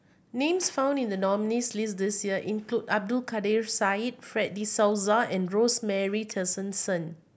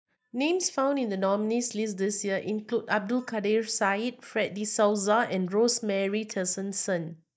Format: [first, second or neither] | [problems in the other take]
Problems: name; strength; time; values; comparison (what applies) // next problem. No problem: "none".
first | noise reduction (neural mask model DeepFilterNet 3)